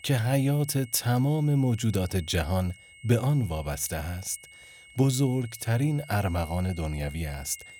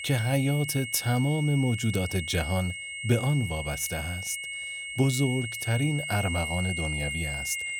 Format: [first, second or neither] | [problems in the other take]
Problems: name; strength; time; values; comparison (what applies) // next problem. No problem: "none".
first | high-pitched whine; loud; throughout; 2 kHz, 5 dB below the speech; faint in the first